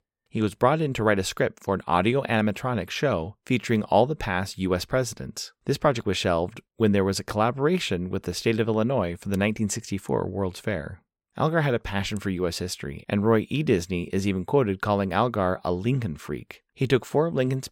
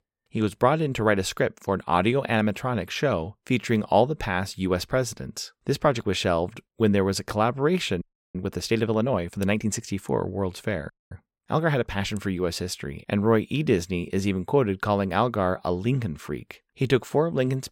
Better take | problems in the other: first | audio freezing; at 8 s and at 11 s

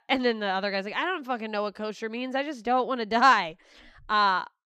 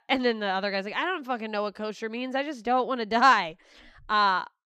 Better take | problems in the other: neither | none

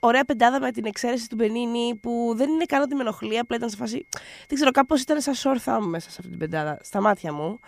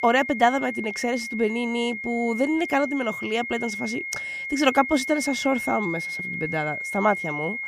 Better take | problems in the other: first | high-pitched whine; loud; throughout; 2 kHz, 5 dB below the speech; faint in the first

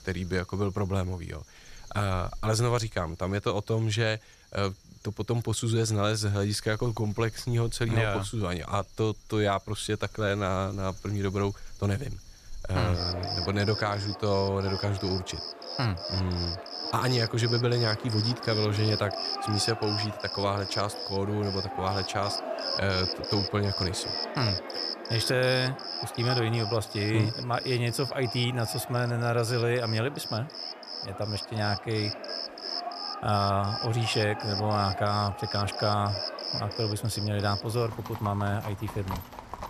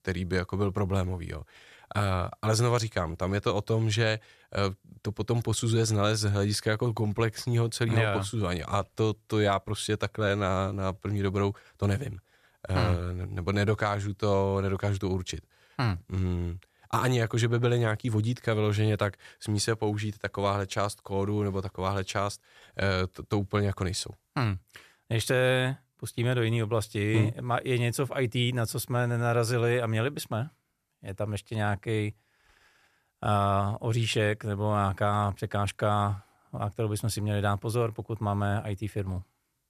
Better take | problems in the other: second | animal sounds; loud; throughout; 4 dB below the speech

